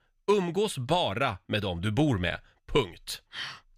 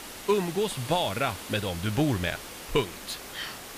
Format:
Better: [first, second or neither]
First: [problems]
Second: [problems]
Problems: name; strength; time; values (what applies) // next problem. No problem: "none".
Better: first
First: none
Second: hiss; noticeable; throughout; 10 dB below the speech